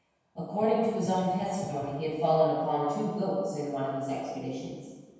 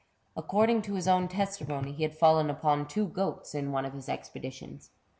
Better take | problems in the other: second | room echo; dies away in 1.2 s

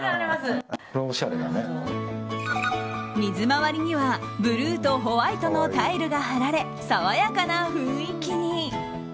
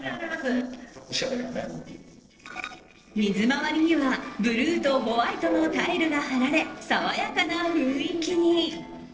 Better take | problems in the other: first | noise reduction (neural separator model SepFormer DNS4)

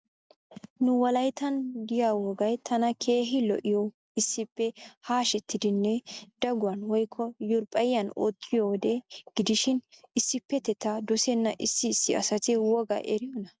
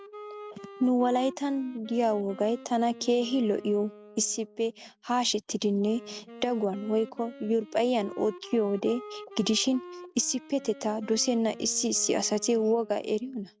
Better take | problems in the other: first | background sound (Wind instrument, woodwind instrument); 18 dB below the speech

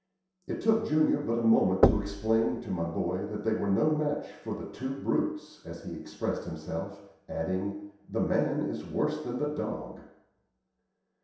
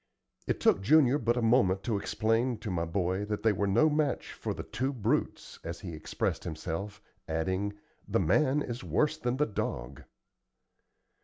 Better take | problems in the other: second | background sound (Knock); as loud as the speech // room echo; dies away in 0.7 s

